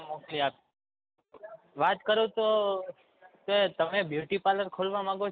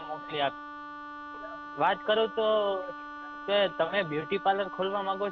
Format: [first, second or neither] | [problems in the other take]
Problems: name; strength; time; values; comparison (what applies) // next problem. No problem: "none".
first | background sound (Wind instrument, woodwind instrument); 11 dB below the speech